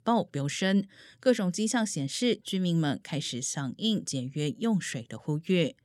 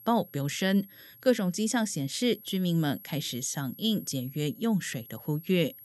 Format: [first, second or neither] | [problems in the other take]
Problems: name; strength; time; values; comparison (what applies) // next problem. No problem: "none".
first | high-pitched whine; noticeable; throughout; 11.5 kHz, 20 dB below the speech